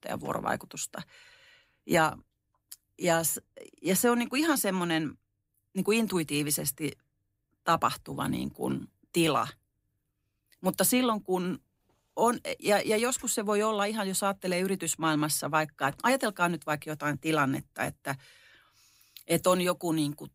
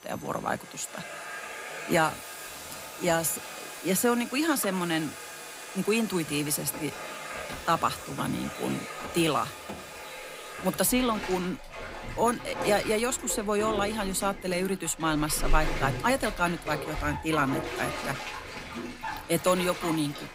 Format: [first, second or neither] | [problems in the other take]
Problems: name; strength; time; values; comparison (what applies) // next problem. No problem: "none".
first | household noises; loud; throughout; 9 dB below the speech